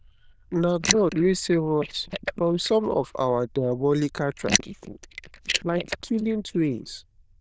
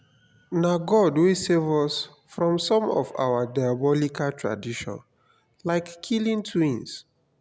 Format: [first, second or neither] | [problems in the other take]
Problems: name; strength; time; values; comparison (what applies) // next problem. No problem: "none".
second | noise reduction (neural diffusion model UNIVERSE++)